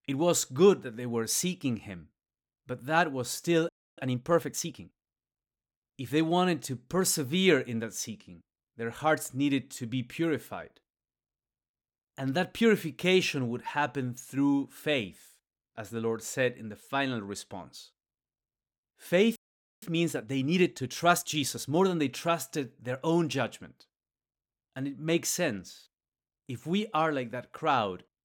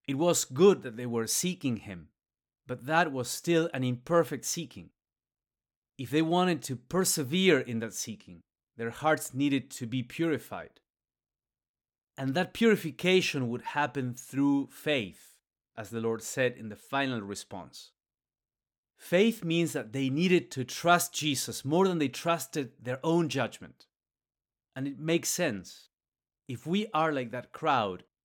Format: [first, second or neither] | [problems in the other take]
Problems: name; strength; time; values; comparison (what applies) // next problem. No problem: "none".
second | audio freezing; at 3.5 s and at 19 s